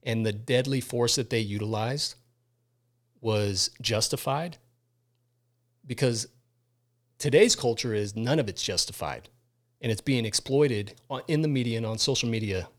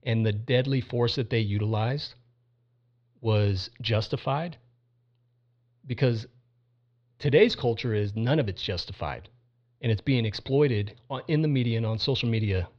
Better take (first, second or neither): first